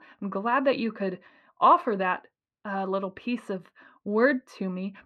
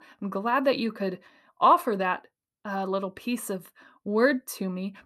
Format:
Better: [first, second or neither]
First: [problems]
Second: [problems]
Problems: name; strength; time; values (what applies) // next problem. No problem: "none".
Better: second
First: muffled; very slightly; fading above 2.5 kHz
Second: none